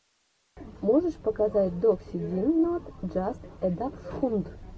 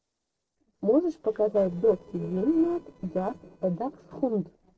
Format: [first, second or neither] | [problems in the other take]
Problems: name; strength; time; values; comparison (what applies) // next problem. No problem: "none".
first | noise reduction (neural separator model SepFormer DNS4)